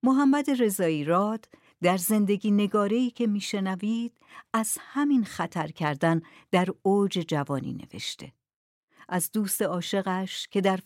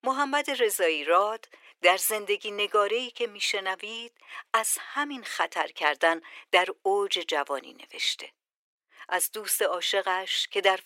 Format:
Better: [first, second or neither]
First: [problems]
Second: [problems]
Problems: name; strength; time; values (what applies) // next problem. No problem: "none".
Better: first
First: none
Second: thin; very; fading below 400 Hz